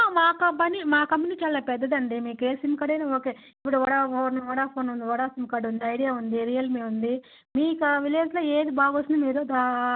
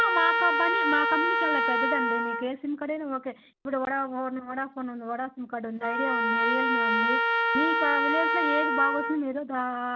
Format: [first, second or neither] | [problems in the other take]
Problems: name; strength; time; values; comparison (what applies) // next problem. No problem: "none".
first | background sound (Trumpet); 3 dB above the speech